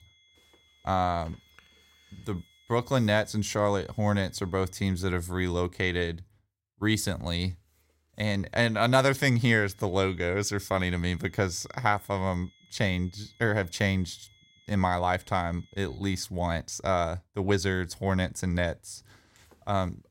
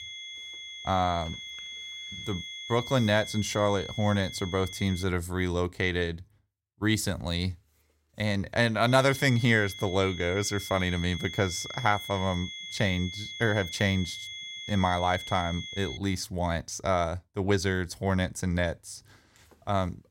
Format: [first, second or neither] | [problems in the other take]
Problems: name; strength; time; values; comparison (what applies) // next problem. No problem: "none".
first | high-pitched whine; loud; until 5 s and from 9 to 16 s; 3.5 kHz, 10 dB below the speech; faint in the first